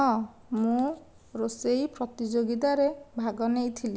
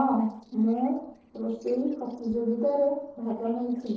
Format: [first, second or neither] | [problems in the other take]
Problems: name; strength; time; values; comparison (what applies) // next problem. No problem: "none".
first | noise reduction (neural separator model SepFormer DNS4)